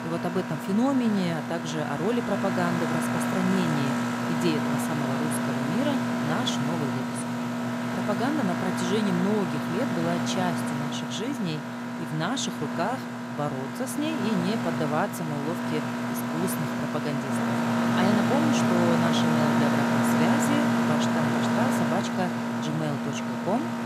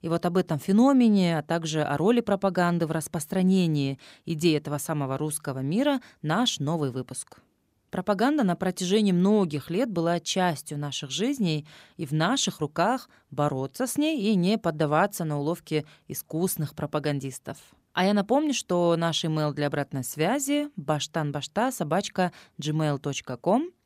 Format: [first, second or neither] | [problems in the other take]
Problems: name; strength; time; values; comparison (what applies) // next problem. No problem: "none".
second | machinery noise; very loud; throughout; 3 dB above the speech